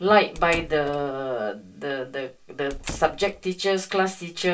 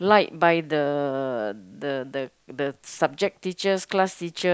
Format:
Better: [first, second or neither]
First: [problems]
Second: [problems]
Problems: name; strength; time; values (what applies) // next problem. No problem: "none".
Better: second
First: background sound (Squeak / Slam / Wood); 13 dB below the speech // room echo; dies away in 0.2 s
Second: none